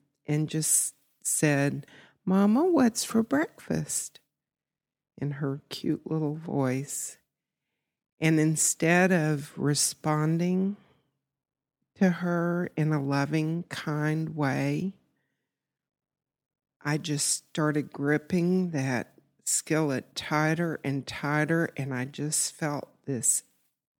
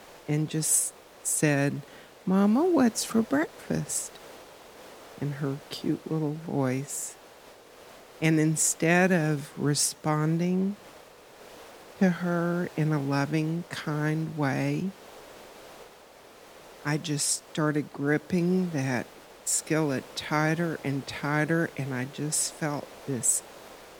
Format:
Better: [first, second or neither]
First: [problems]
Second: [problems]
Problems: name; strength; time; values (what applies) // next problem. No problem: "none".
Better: first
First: none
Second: hiss; faint; throughout; 20 dB below the speech